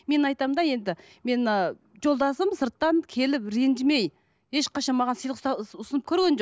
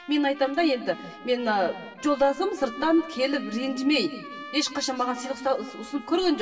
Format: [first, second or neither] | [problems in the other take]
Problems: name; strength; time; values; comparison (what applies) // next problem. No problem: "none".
first | background sound (Trumpet); 17 dB below the speech // room echo; dies away in 1.3 s